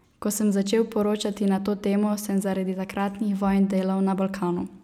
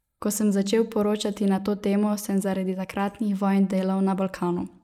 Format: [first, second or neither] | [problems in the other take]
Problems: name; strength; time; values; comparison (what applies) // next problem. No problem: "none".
first | noise reduction (neural mask model Resemble Enhance denoiser)